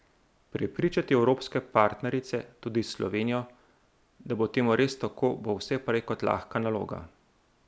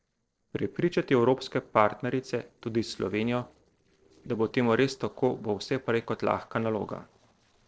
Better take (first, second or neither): first